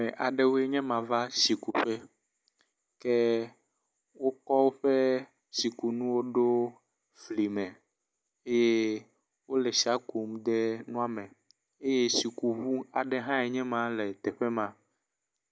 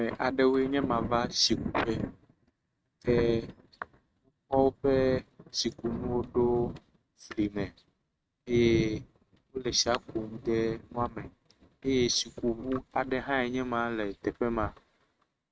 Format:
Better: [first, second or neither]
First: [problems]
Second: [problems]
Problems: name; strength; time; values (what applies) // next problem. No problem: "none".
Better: first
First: none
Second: noise reduction (neural mask model RNNoise)